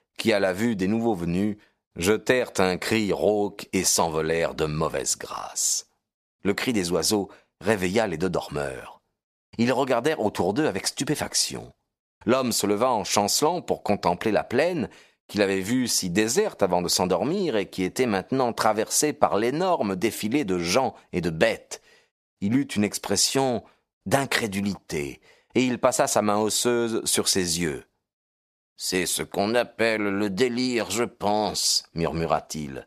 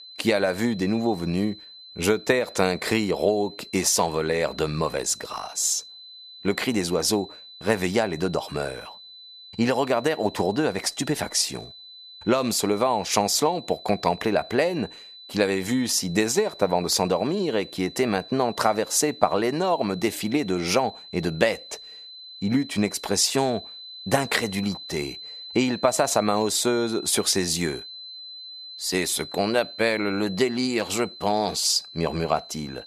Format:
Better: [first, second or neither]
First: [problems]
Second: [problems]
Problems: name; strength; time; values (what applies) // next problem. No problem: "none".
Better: first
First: none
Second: high-pitched whine; noticeable; throughout; 4 kHz, 15 dB below the speech